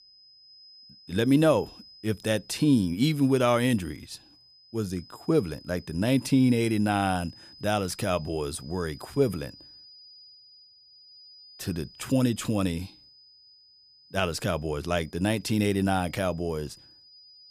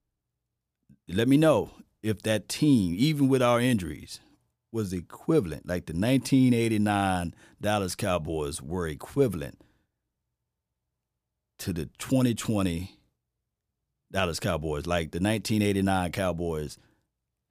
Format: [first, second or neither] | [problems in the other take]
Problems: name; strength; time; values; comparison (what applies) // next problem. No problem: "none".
second | high-pitched whine; faint; throughout; 5 kHz, 25 dB below the speech